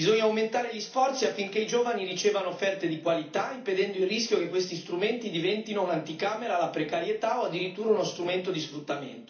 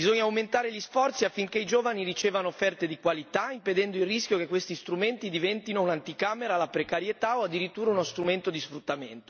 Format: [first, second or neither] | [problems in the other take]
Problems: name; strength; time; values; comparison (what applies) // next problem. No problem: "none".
second | room echo; dies away in 0.4 s